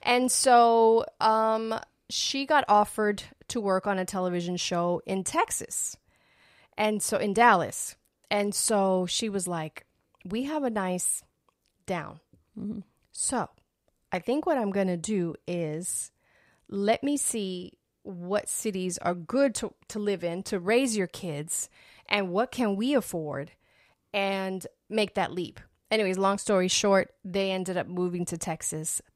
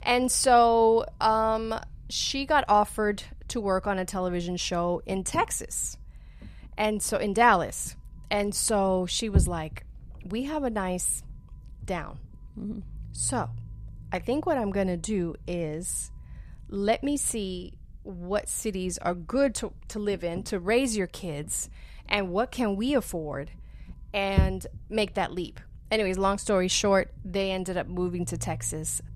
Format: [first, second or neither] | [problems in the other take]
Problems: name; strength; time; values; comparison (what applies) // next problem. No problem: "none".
first | low rumble; faint; throughout; 25 dB below the speech